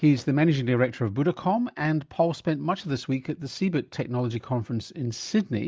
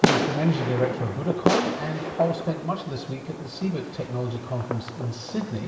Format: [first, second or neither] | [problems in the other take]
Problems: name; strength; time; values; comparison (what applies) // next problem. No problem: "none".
first | background sound (Fireworks); 1 dB below the speech // room echo; dies away in 2.2 s